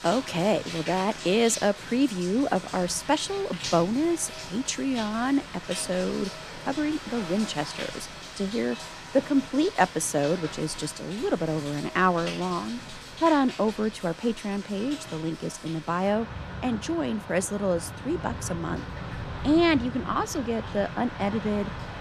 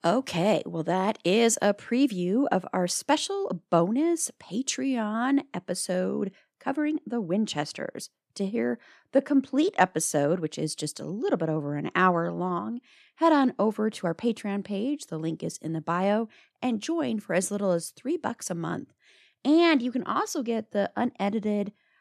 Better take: second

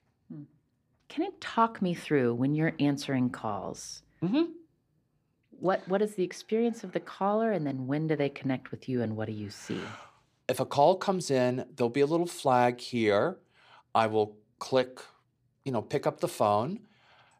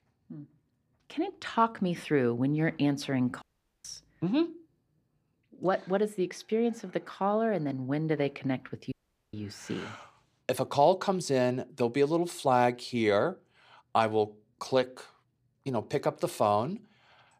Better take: first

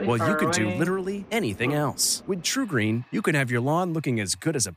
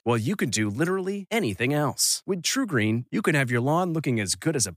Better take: second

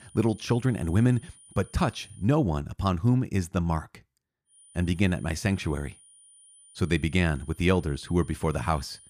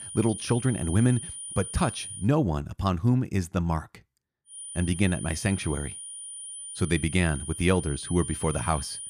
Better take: first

